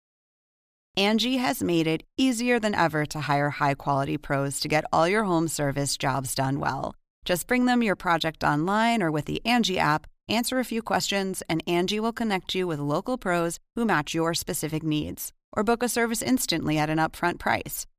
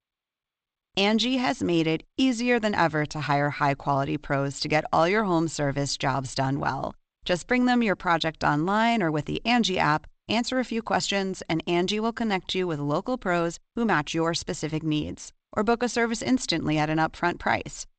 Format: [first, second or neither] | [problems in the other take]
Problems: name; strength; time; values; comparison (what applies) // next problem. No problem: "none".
first | garbled, watery; slightly; nothing above 8 kHz